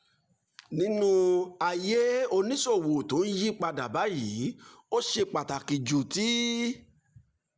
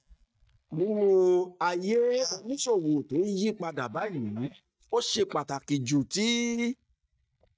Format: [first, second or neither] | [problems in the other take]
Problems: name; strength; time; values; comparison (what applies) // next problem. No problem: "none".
first | noise reduction (neural mask model DeepFilterNet 3)